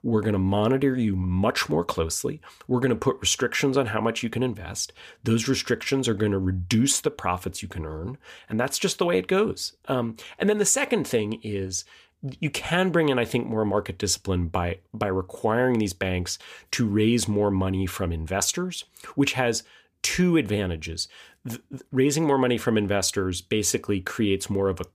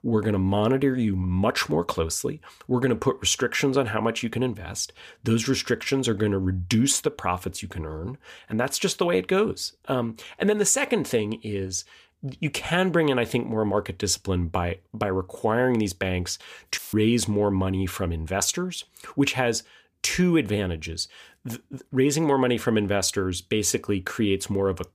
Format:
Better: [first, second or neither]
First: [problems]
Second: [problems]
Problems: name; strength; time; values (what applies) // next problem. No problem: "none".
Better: first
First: none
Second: audio cutting out; filled with static; at 17 s